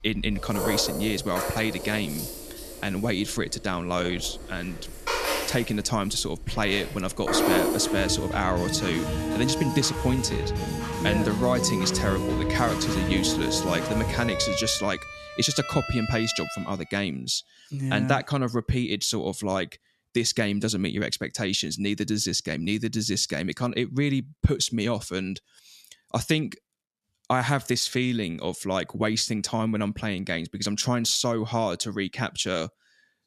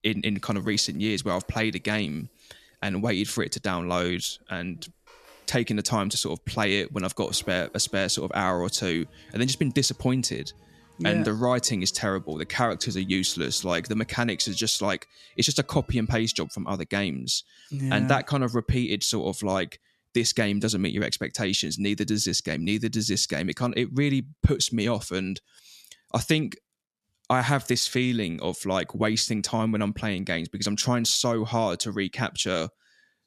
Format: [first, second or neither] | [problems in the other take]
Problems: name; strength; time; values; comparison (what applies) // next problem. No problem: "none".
second | background music; loud; until 16 s; 3 dB below the speech; faint in the second